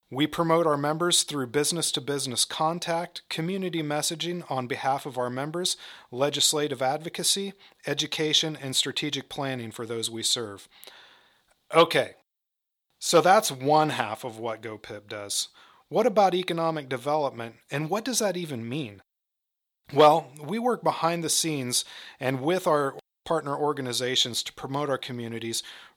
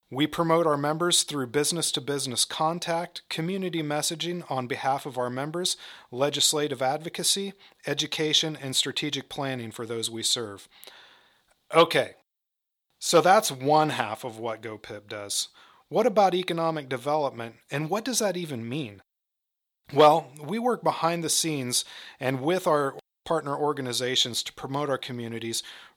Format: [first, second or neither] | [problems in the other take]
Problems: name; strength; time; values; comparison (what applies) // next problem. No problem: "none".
neither | thin; very slightly; fading below 400 Hz; the same in both